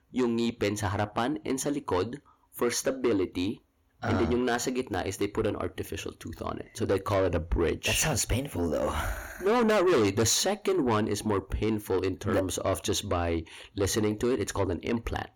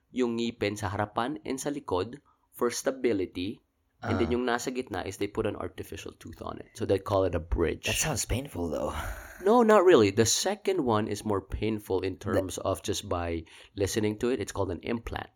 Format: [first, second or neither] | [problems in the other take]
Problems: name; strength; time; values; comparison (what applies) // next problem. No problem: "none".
second | distortion; heavy; 7 dB below the speech